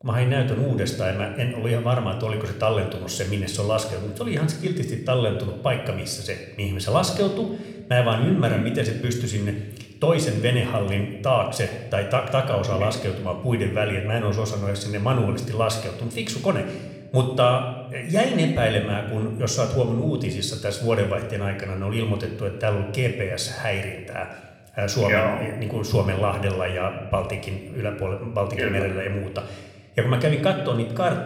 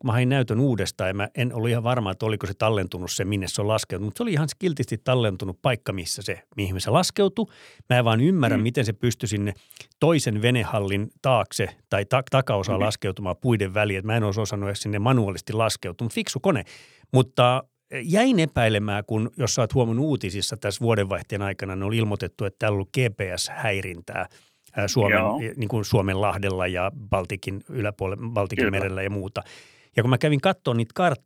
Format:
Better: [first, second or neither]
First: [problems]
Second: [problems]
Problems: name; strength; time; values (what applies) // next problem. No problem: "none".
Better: second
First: room echo; slight; dies away in 0.8 s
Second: none